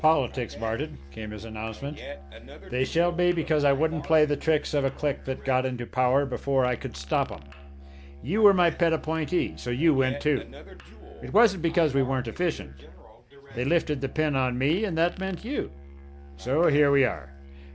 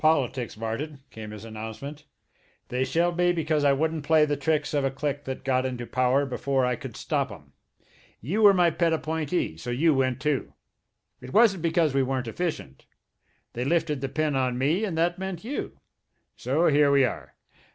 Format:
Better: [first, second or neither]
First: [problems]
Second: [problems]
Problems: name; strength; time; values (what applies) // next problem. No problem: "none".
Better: second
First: background sound (Fart + Musical instrument); 16 dB below the speech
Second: none